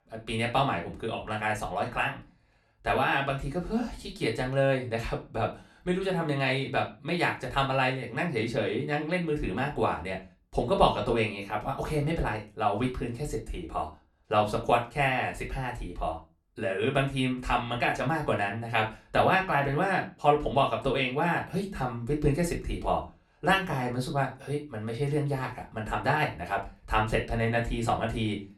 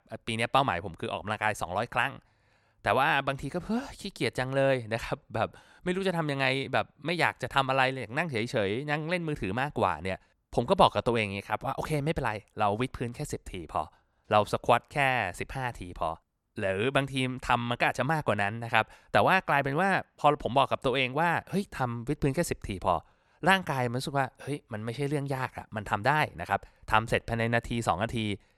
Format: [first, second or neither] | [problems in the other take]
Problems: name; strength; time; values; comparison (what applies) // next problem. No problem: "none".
second | off-mic speech; far // room echo; very slight; dies away in 0.3 s